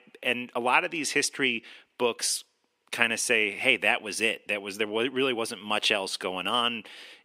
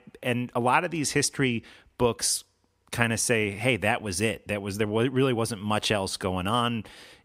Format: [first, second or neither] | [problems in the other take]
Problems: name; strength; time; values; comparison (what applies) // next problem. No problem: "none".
second | thin; very slightly; fading below 300 Hz